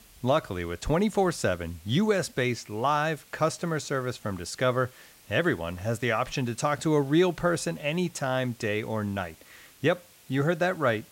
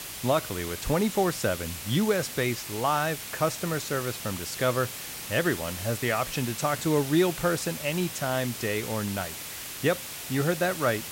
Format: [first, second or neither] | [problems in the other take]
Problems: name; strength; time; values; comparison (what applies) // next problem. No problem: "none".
first | hiss; loud; throughout; 7 dB below the speech; faint in the first